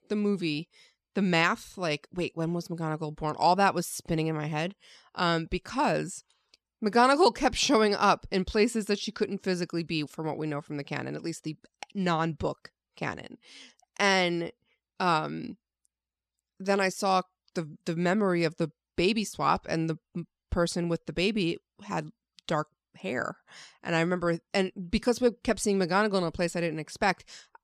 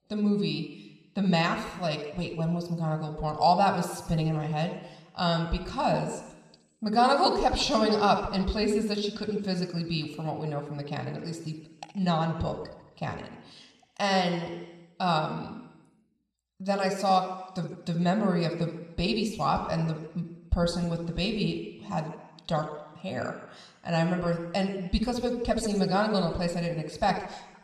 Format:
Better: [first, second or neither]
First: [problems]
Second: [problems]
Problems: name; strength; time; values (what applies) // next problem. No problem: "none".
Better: first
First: none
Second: room echo; slight; dies away in 1 s